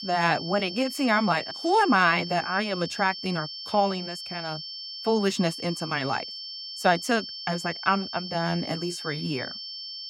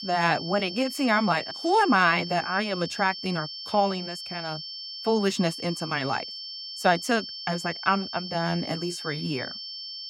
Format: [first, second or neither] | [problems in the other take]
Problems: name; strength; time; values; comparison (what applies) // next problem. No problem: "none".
neither | high-pitched whine; loud; throughout; 5.5 kHz, 9 dB below the speech; the same in both